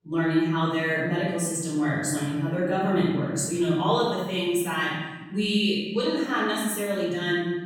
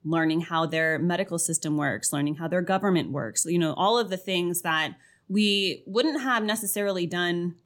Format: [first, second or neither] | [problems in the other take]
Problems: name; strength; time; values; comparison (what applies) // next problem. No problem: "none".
second | room echo; strong; dies away in 1.3 s // off-mic speech; far